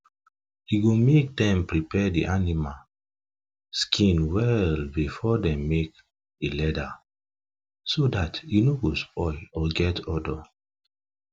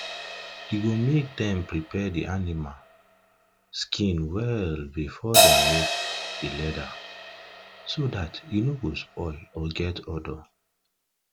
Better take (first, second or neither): first